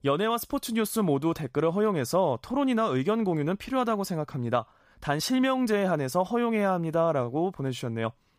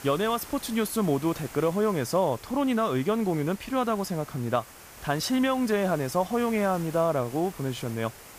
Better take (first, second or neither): first